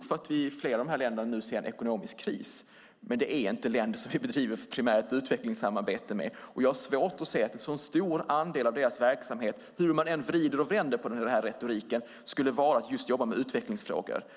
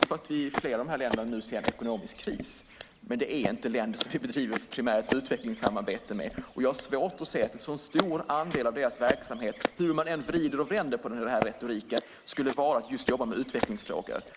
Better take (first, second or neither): first